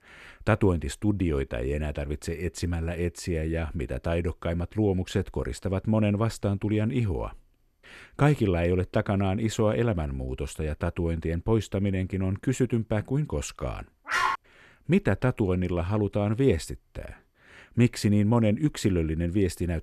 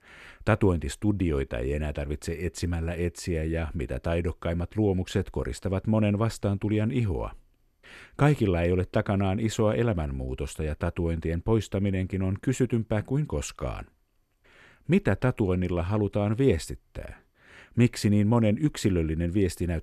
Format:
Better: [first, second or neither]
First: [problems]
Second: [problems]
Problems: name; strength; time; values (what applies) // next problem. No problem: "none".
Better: second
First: dog barking; loud; at 14 s; peak 1 dB above the speech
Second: none